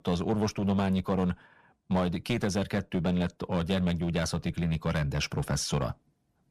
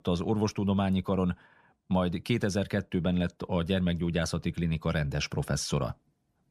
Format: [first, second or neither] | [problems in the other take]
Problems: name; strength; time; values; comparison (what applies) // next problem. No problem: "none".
second | distortion; slight; 7% of the sound clipped